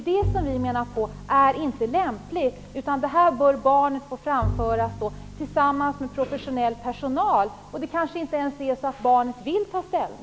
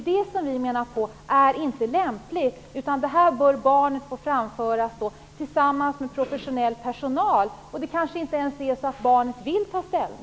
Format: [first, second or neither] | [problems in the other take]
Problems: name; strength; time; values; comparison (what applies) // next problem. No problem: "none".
second | background sound (Bowed string instrument); 11 dB below the speech